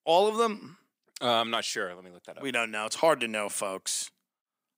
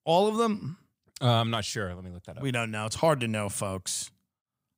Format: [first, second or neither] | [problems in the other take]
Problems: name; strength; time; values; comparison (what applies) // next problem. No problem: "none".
second | thin; somewhat; fading below 300 Hz